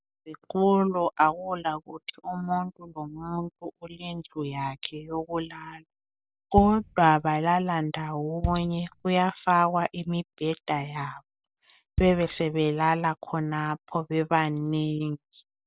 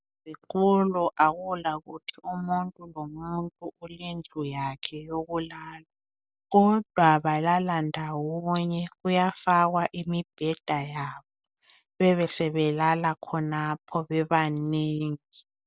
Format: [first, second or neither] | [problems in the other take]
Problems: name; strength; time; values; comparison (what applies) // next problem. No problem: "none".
second | background sound (Bass drum); 7 dB below the speech